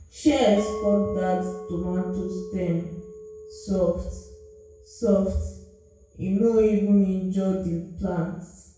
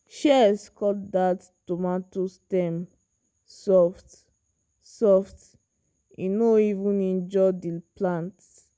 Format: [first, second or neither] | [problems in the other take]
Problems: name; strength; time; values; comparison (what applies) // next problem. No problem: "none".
second | background sound (Chink, clink); 14 dB below the speech // room echo; dies away in 0.6 s